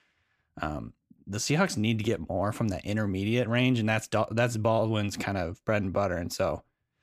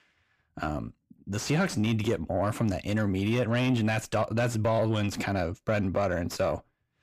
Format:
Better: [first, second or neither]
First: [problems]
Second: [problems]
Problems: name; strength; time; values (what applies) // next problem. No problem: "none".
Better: first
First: none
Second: distortion; slight; 10 dB below the speech